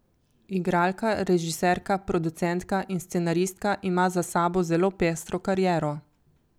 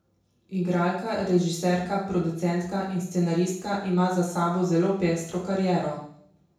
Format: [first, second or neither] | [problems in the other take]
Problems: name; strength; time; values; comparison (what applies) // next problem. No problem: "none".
first | room echo; dies away in 0.6 s